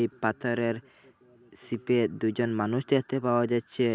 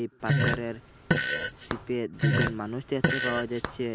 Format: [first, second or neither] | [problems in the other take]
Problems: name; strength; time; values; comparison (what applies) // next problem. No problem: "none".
first | background sound (Fart); 4 dB above the speech